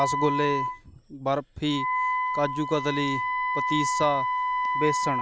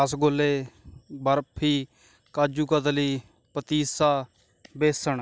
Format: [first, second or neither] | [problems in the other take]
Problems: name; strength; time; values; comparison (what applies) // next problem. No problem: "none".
second | background sound (Wind instrument, woodwind instrument); 1 dB above the speech